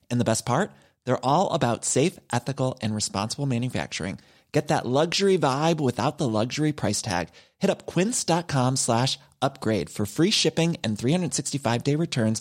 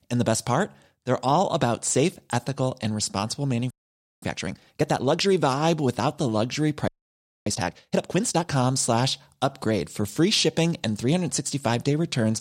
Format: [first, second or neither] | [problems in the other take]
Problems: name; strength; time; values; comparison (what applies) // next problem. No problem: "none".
first | audio freezing; at 3.5 s for 0.5 s and at 7 s for 0.5 s